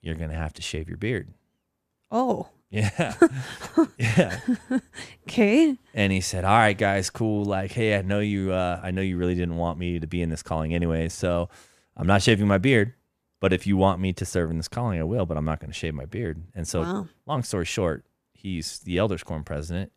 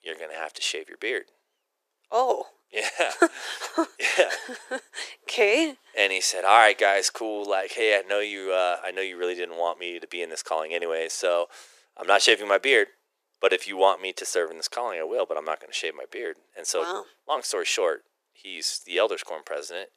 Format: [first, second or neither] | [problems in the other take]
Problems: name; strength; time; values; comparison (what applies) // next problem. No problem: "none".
first | thin; very; fading below 400 Hz